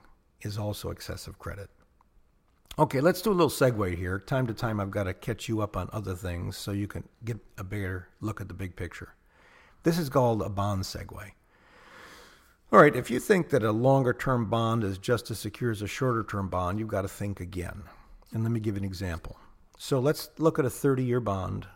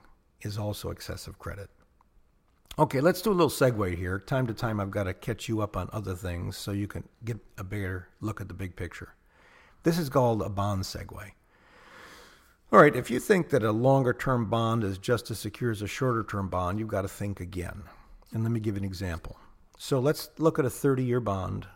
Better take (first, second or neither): neither